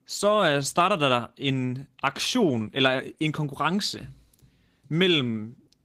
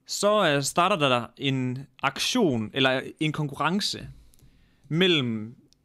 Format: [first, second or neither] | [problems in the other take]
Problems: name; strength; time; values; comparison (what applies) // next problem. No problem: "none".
second | garbled, watery; slightly; nothing above 15.5 kHz